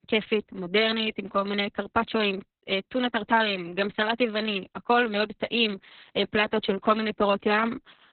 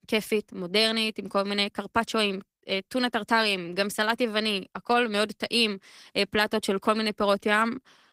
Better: second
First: garbled, watery; badly; nothing above 4 kHz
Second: garbled, watery; slightly; nothing above 15.5 kHz

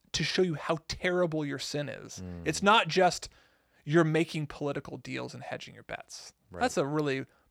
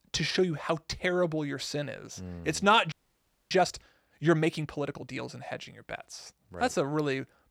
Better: first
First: none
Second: audio freezing; at 3 s for 0.5 s

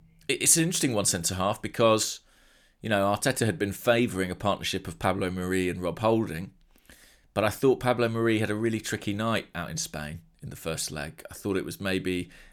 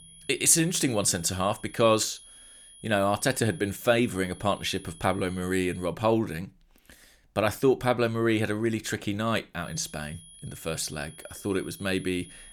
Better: first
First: none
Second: high-pitched whine; faint; until 6 s and from 9.5 s on; 10.5 kHz, 20 dB below the speech

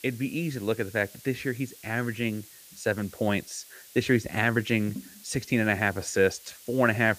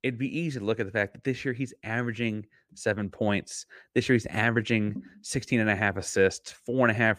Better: second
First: hiss; noticeable; throughout; 20 dB below the speech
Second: none

